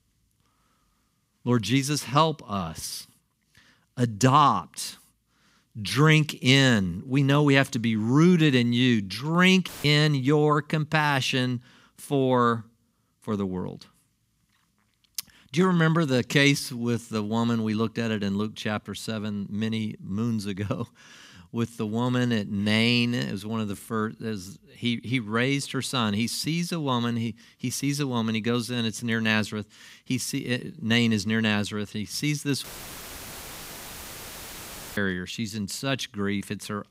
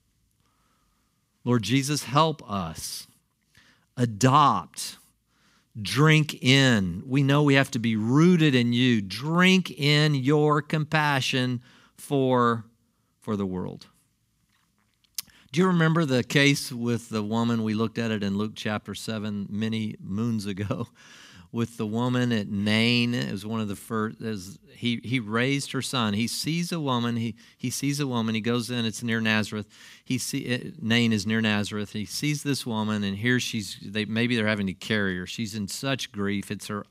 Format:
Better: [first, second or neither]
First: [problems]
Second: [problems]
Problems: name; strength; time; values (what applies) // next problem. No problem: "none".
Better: second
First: audio cutting out; filled with static; at 9.5 s and at 33 s for 2.5 s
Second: none